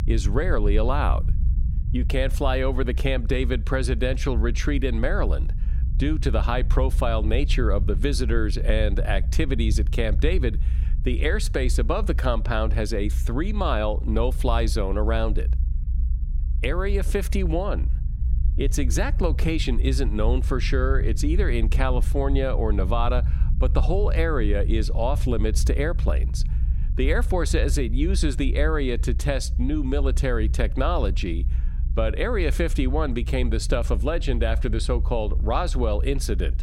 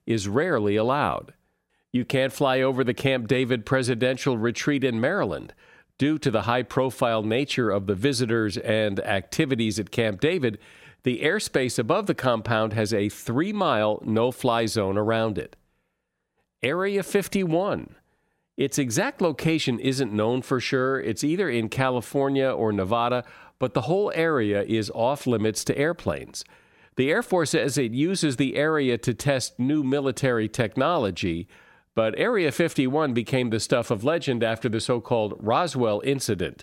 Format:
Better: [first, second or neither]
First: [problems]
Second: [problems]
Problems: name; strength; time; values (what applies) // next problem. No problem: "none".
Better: second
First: low rumble; noticeable; throughout; 15 dB below the speech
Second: none